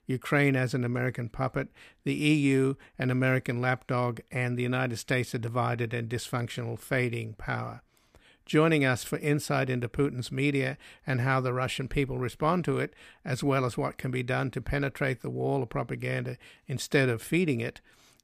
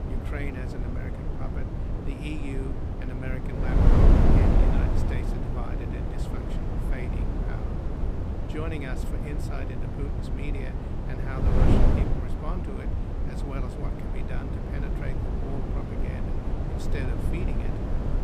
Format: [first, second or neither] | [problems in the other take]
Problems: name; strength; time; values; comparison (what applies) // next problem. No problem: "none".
first | wind noise on the microphone; heavy; 5 dB above the speech